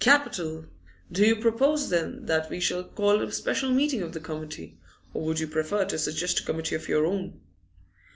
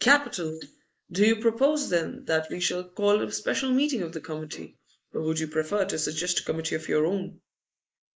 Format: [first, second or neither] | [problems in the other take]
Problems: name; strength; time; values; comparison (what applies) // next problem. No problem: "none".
first | noise reduction (neural mask model Resemble Enhance denoiser)